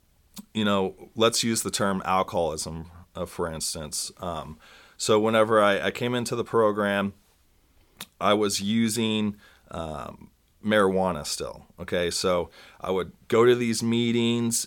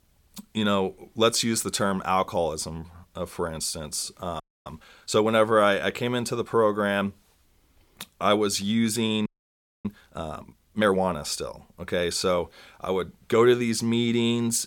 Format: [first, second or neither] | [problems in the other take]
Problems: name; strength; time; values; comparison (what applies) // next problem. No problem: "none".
first | audio freezing; at 4.5 s and at 9.5 s for 0.5 s